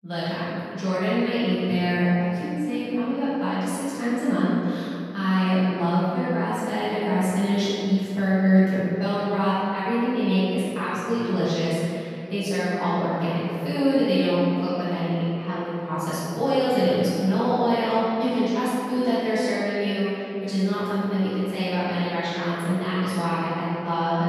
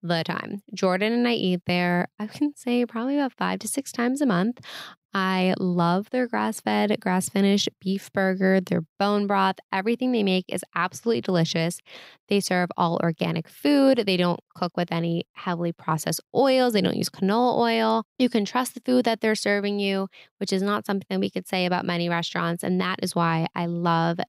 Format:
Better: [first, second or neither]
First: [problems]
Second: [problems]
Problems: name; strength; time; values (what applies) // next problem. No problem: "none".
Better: second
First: room echo; strong; dies away in 2.7 s // off-mic speech; far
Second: none